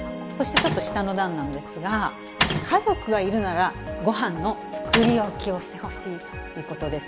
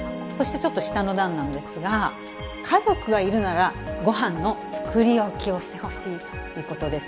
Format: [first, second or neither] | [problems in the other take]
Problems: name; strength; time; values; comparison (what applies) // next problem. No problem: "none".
second | background sound (Mechanisms); 1 dB below the speech